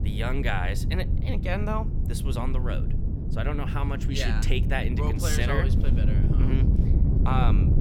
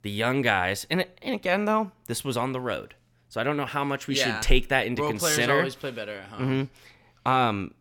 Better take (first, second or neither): second